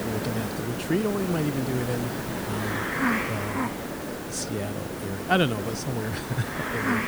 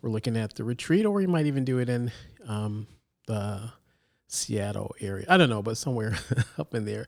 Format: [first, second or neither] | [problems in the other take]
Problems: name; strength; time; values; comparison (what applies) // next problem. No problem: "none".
second | hiss; loud; throughout; 1 dB below the speech